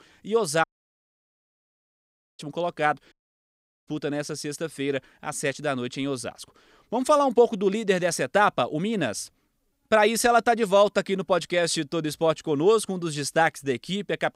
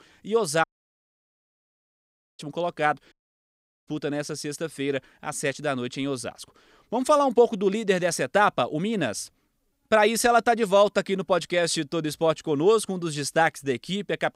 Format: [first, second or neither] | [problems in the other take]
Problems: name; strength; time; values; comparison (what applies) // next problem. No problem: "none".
neither | audio cutting out; at 0.5 s for 2 s and at 3 s for 1 s; the same in both